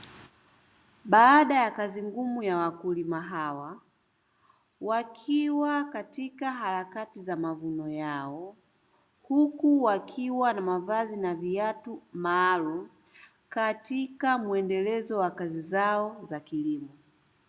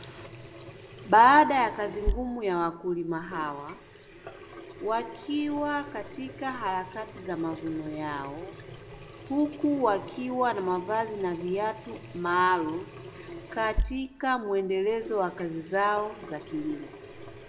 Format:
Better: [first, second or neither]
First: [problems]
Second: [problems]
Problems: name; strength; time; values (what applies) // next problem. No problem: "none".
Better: first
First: none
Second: background sound (Sink (filling or washing) / Water tap, faucet); 11 dB below the speech // room echo; dies away in 2.5 s